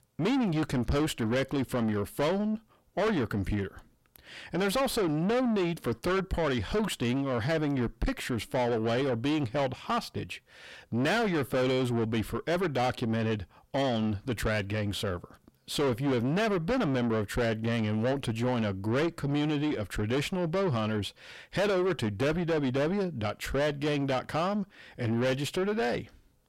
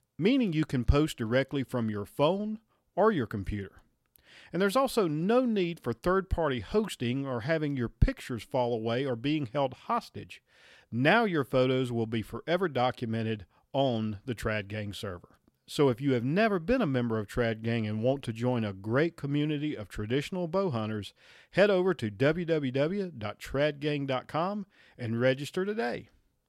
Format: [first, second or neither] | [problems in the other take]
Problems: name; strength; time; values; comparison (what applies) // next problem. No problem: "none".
second | distortion; heavy; 5 dB below the speech